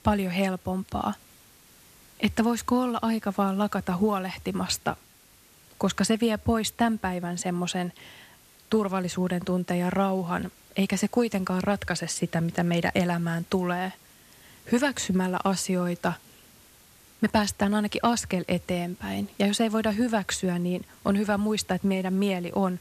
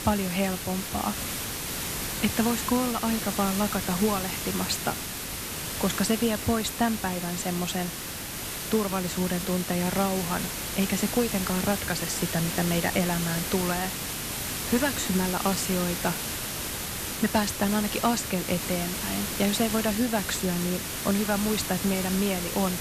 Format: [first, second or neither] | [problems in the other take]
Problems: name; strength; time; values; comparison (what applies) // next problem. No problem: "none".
first | hiss; loud; throughout; 3 dB below the speech; faint in the first